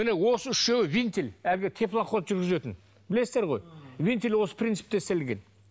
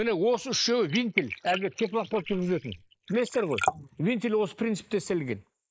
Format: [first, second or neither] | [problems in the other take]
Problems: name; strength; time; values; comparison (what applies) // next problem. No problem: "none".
first | noise reduction (neural mask model Resemble Enhance denoiser)